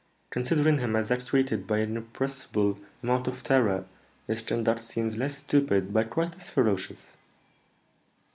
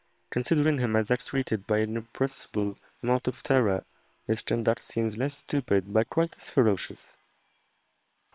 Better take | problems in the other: first | noise reduction (neural separator model SepFormer WHAM!)

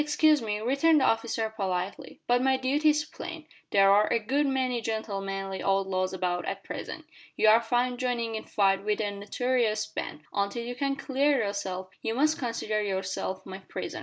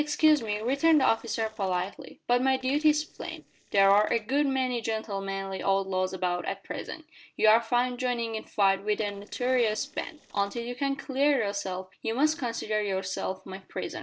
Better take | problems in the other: first | noise reduction (neural separator model SepFormer DNS4)

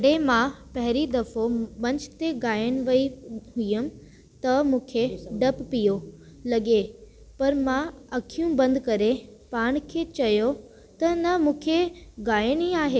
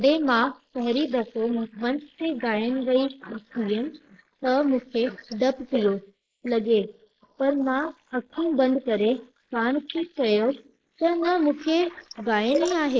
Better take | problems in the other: first | noise reduction (neural mask model Resemble Enhance denoiser)

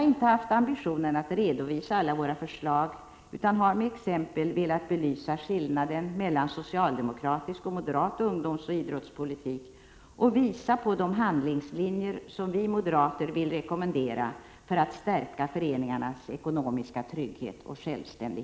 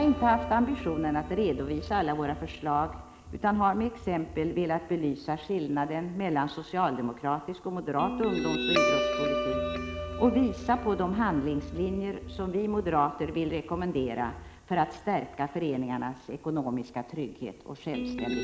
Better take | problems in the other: first | background sound (Guitar); 7 dB below the speech

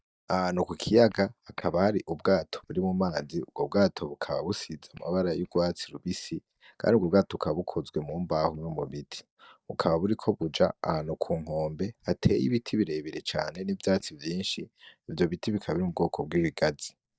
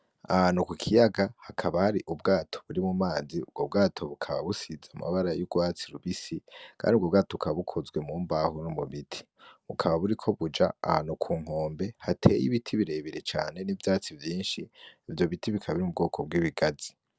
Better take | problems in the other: second | noise reduction (neural mask model DeepFilterNet 3)

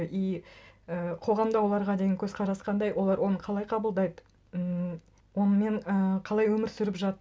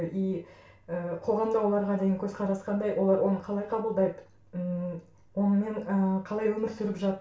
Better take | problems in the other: first | room echo; dies away in 0.3 s

